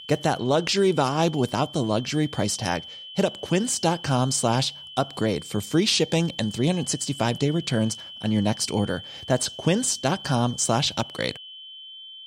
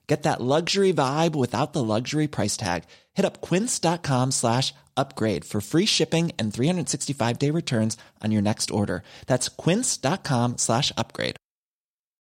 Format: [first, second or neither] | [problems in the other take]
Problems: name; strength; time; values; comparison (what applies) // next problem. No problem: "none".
second | high-pitched whine; noticeable; throughout; 3 kHz, 15 dB below the speech